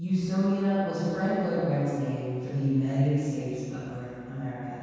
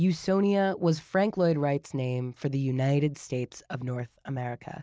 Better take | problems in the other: second | room echo; dies away in 2.1 s

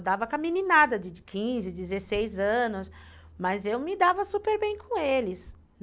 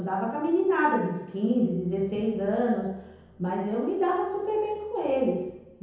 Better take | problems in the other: first | room echo; dies away in 0.9 s

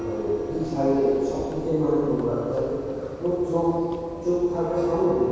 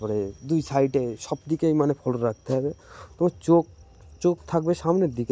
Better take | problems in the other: second | background sound (Church bell); 11 dB below the speech // room echo; dies away in 2.2 s

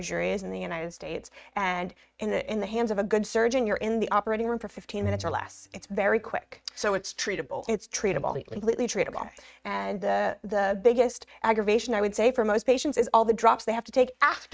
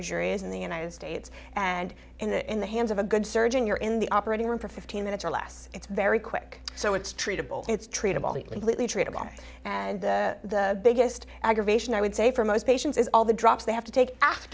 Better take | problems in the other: second | noise reduction (neural mask model RNNoise)

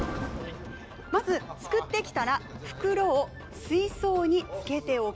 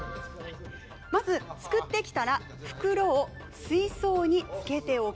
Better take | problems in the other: second | background sound (Thunder); 14 dB below the speech

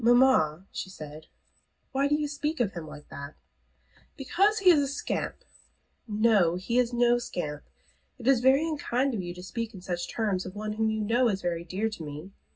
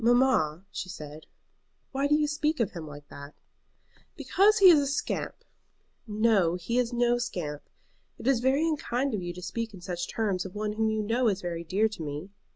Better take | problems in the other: second | room echo; dies away in 0.4 s

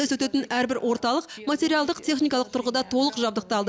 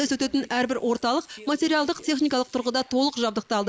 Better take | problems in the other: first | noise reduction (neural mask model Resemble Enhance denoiser)

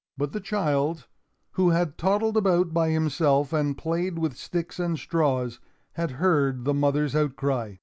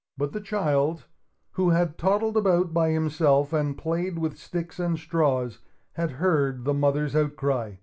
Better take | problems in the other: first | room echo; dies away in 0.2 s

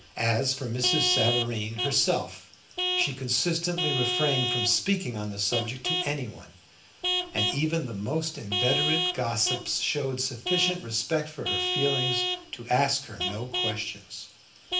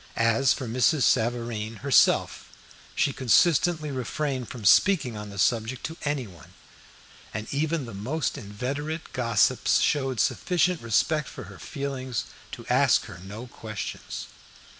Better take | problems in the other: second | background sound (Vehicle horn, car horn, honking / Truck); 2 dB below the speech // room echo; dies away in 0.3 s

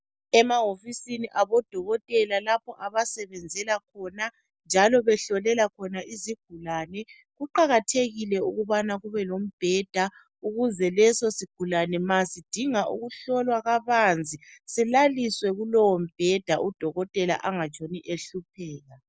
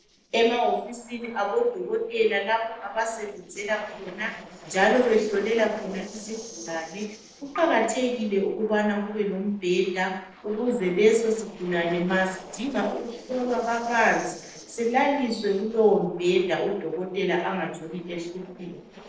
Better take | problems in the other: first | noise reduction (neural separator model SepFormer DNS4)

